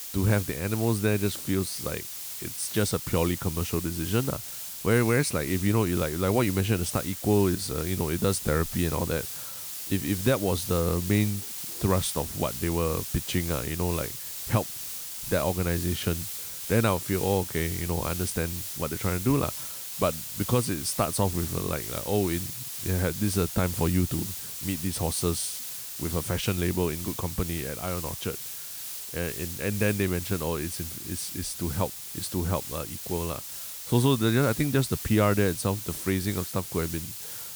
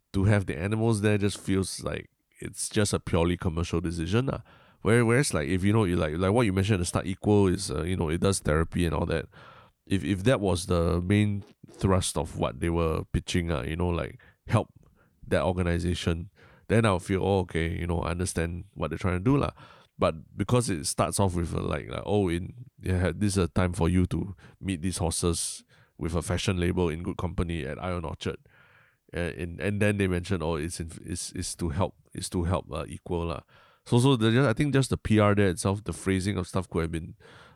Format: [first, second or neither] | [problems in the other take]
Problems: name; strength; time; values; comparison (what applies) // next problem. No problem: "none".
second | hiss; loud; throughout; 5 dB below the speech